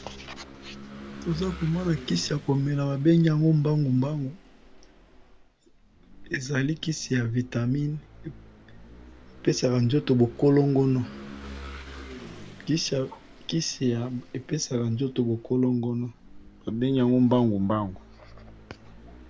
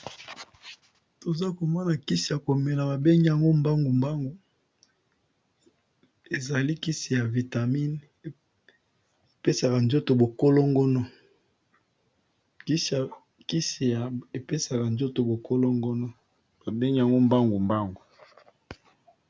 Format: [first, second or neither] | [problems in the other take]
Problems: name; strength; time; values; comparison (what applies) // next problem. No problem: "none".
second | background sound (Engine / Vehicle); 18 dB below the speech